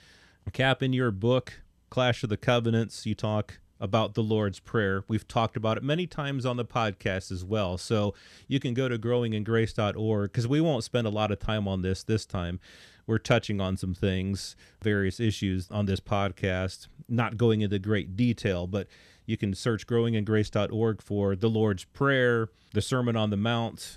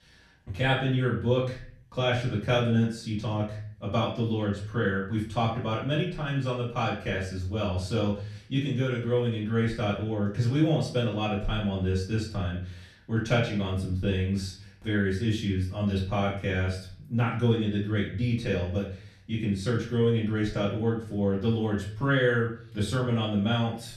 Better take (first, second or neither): first